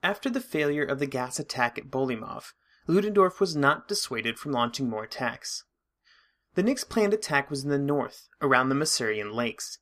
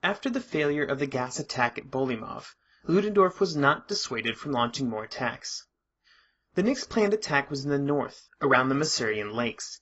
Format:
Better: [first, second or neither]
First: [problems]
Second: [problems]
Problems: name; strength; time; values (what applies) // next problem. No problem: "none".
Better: first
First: none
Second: garbled, watery; badly; nothing above 7.5 kHz